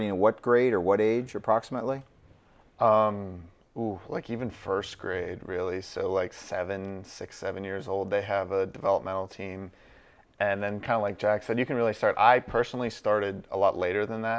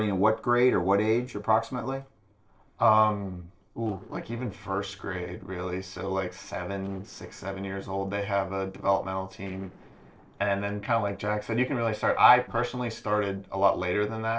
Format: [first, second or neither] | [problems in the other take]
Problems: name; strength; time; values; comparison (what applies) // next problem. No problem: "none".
first | noise reduction (neural separator model SepFormer DNS4)